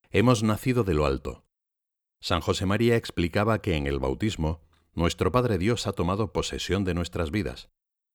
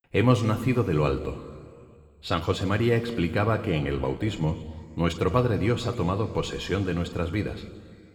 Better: first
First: none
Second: room echo; slight; dies away in 2.2 s

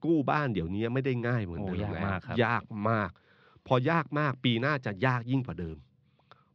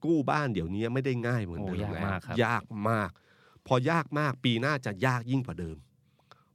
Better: second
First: muffled; very slightly; fading above 4.5 kHz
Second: none

